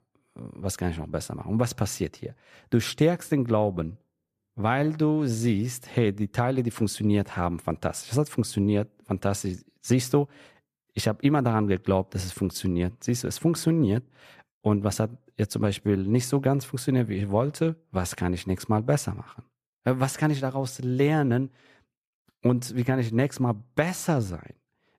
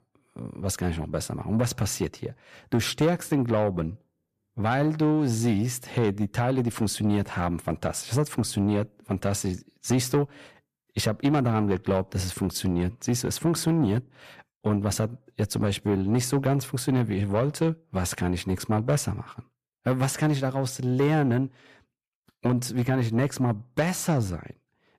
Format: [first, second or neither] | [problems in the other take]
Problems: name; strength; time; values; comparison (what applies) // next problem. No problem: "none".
first | distortion; slight; 10 dB below the speech